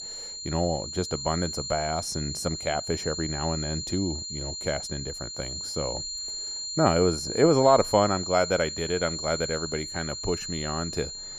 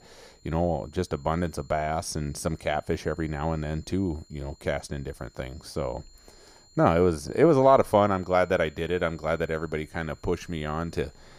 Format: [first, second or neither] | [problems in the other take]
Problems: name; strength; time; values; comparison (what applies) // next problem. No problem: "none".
second | high-pitched whine; loud; throughout; 4 kHz, 5 dB below the speech; faint in the second